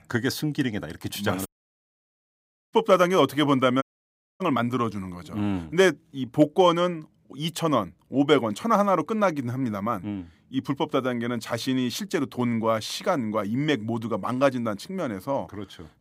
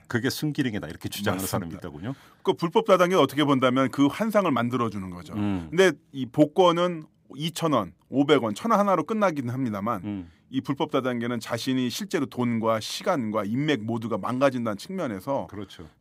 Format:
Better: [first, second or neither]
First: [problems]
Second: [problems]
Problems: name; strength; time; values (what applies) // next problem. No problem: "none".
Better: second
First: audio cutting out; at 1.5 s for 1.5 s and at 4 s for 0.5 s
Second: none